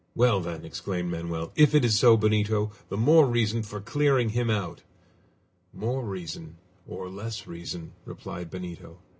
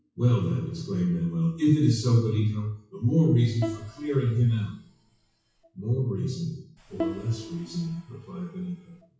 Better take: first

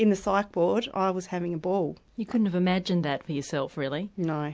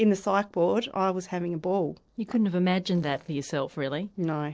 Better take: first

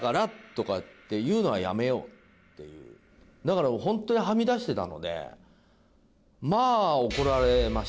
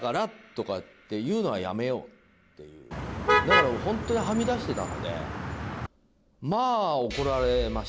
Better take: first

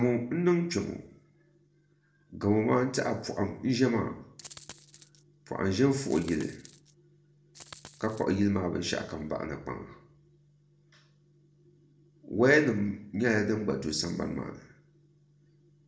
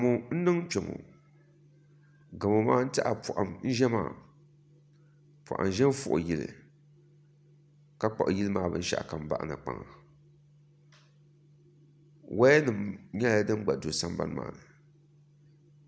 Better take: second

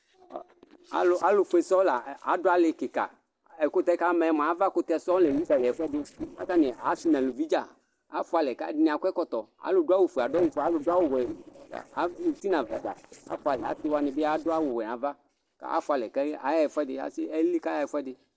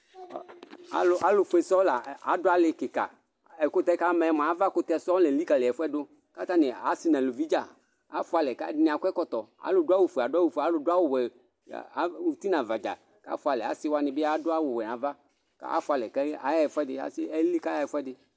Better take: second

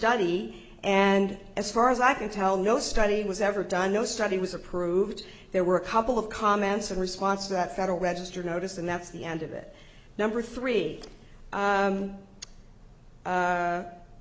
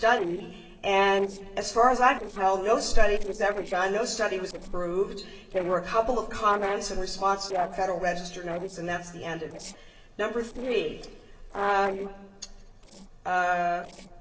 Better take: first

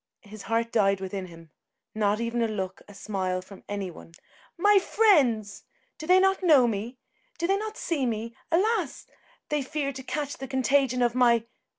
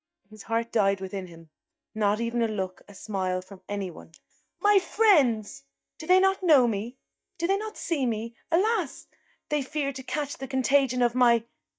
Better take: first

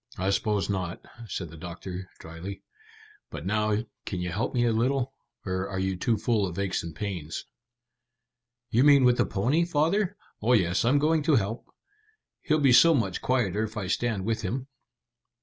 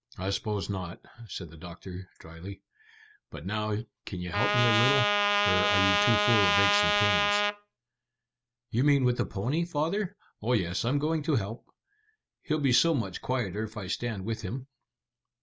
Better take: first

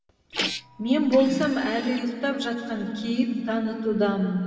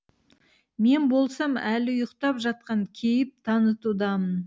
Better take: second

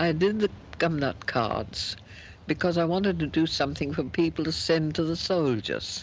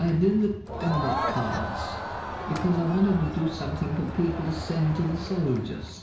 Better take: first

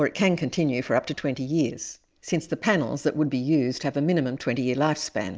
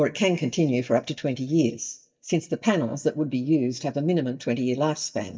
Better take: first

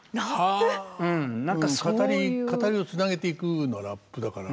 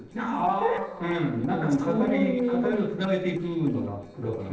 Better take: first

